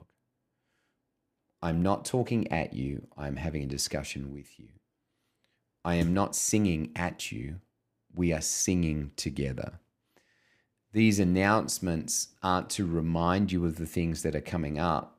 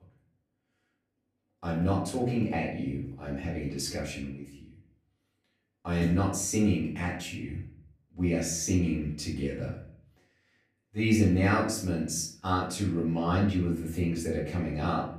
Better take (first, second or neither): first